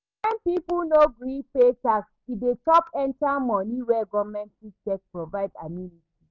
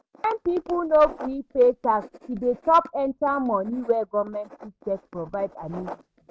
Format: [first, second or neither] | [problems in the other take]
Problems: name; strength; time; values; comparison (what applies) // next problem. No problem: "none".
first | background sound (Writing); 20 dB below the speech